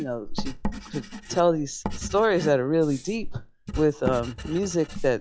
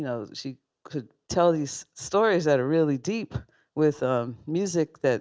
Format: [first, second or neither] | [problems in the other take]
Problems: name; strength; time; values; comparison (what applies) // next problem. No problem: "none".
second | noise reduction (classical method log-MMSE)